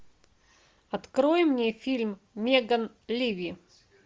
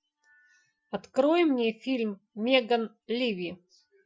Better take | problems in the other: first | noise reduction (classical method Wiener filter)

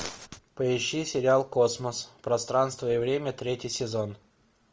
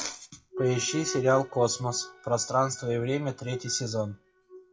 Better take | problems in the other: first | noise reduction (classical method WPE with log-MMSE)

